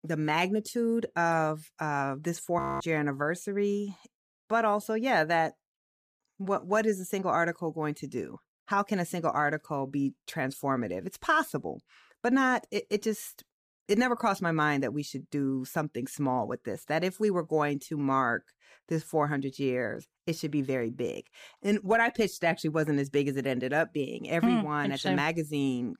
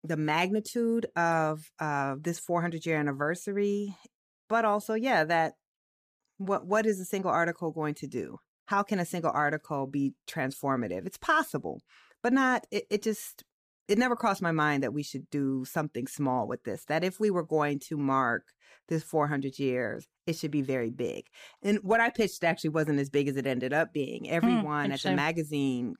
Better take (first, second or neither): second